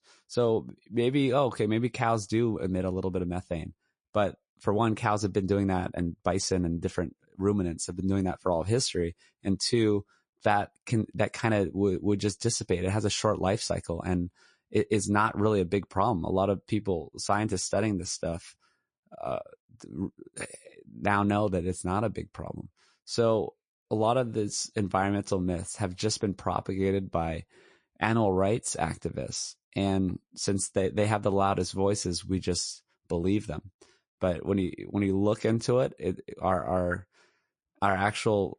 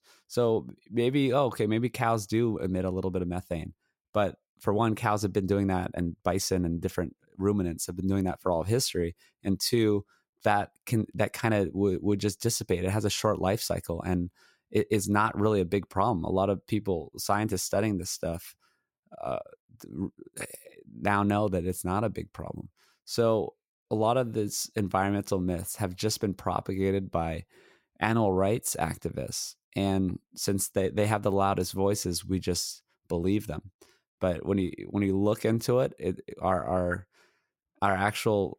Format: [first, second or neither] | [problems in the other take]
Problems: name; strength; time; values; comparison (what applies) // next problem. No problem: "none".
second | garbled, watery; slightly